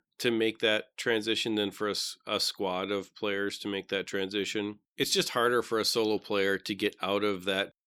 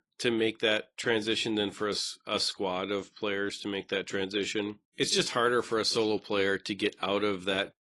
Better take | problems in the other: first | garbled, watery; slightly; nothing above 11 kHz

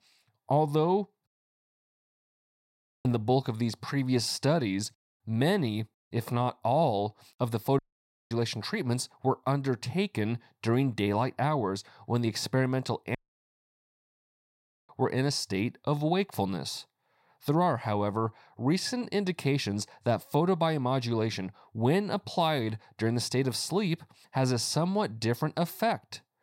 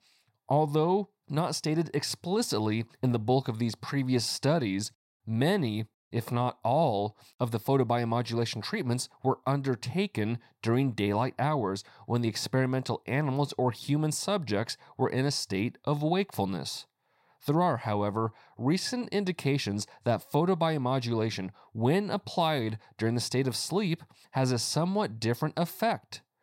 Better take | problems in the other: second | audio cutting out; at 1.5 s for 2 s, at 8 s for 0.5 s and at 13 s for 1.5 s

